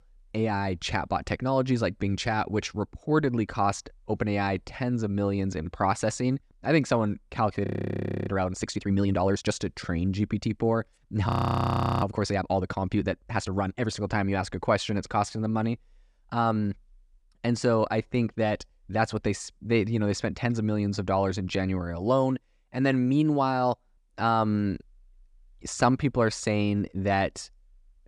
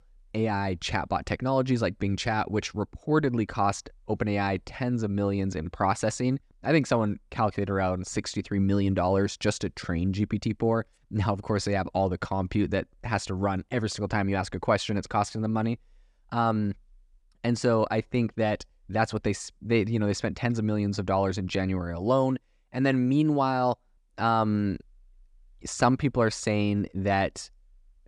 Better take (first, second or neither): second